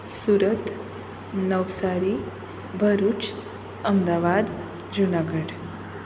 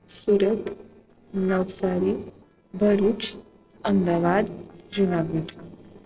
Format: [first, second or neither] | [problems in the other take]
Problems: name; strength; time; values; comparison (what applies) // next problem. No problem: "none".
first | noise reduction (neural separator model SepFormer DNS4)